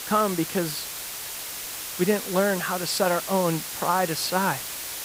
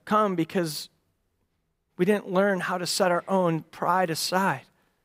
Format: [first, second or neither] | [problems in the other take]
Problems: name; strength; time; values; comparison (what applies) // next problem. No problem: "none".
second | hiss; loud; throughout; 6 dB below the speech